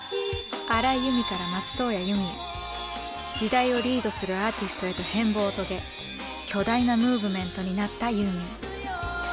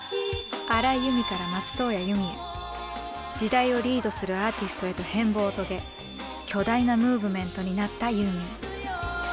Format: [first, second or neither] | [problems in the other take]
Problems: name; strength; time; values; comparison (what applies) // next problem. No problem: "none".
second | background sound (Wind chime); 15 dB below the speech